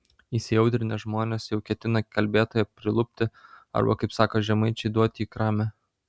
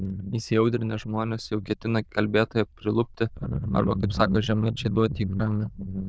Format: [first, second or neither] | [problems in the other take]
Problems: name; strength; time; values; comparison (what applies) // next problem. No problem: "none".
first | noise reduction (neural diffusion model UNIVERSE++)